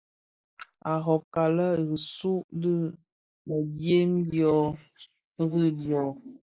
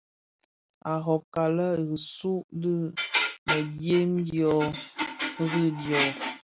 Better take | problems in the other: second | noise reduction (neural mask model Resemble Enhance denoiser)

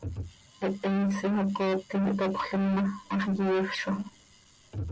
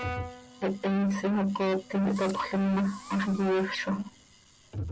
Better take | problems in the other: first | background sound (Fireworks + Brass instrument); 17 dB below the speech

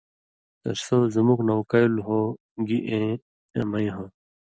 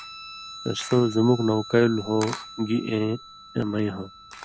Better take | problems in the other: first | background sound (Camera + Guitar); 15 dB below the speech

